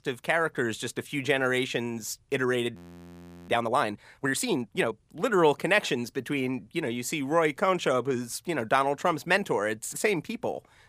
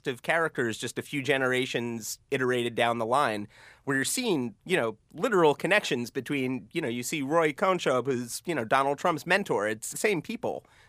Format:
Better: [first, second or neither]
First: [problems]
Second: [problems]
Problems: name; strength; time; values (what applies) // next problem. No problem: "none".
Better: second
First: audio freezing; at 3 s for 0.5 s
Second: none